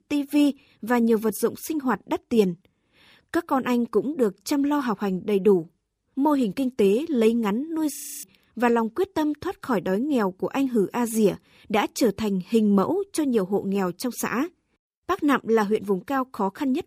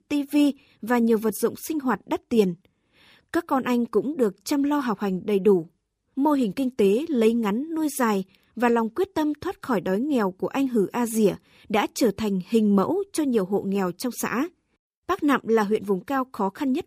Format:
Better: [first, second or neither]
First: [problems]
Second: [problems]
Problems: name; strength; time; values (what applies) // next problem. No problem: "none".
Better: second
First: audio freezing; at 8 s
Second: none